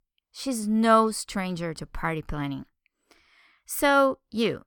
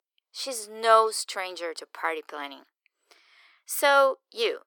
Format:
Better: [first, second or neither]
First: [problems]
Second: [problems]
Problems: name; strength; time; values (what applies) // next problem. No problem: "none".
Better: first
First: none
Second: thin; very; fading below 400 Hz